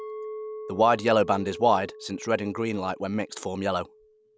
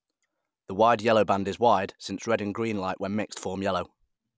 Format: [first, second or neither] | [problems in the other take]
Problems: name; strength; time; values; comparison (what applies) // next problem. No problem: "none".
second | background sound (Chink, clink); 15 dB below the speech